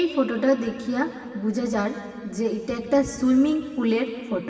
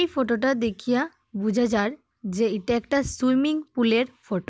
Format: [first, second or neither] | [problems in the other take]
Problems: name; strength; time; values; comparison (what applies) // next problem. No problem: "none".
second | room echo; dies away in 2.4 s